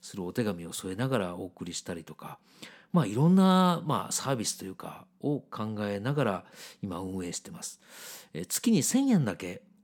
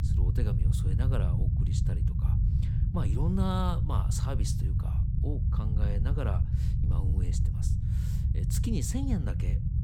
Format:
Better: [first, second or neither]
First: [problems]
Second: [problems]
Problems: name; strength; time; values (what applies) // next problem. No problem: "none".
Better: first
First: none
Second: low rumble; loud; throughout; 3 dB below the speech